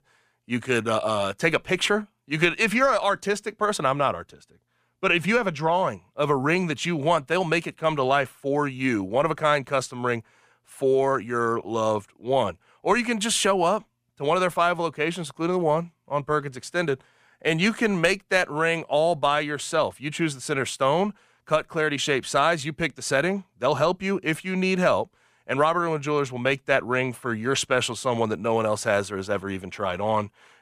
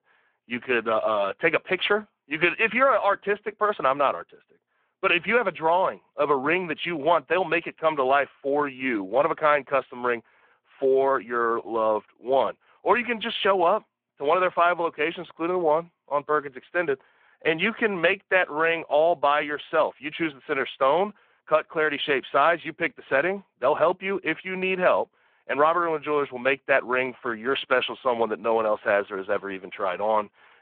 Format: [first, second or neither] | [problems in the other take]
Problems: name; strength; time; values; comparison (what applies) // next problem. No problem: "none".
first | phone-call audio